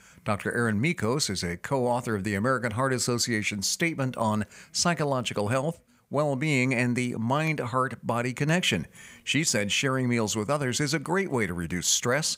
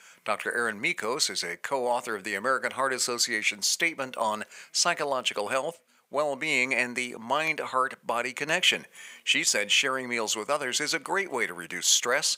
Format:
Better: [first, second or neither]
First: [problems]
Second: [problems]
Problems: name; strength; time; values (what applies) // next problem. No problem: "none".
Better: first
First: none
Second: thin; somewhat; fading below 500 Hz